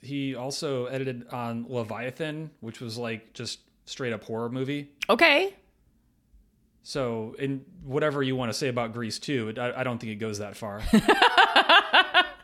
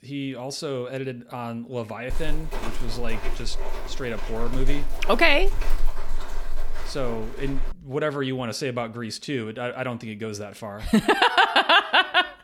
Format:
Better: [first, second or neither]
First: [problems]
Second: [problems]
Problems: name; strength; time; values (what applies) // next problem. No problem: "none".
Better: first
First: none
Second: footsteps; noticeable; from 2 to 7.5 s; peak 5 dB below the speech